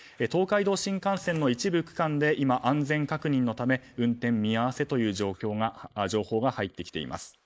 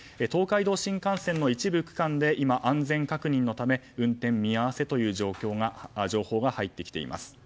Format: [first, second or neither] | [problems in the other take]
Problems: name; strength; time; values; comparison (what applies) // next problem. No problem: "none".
second | noise reduction (neural mask model Resemble Enhance denoiser)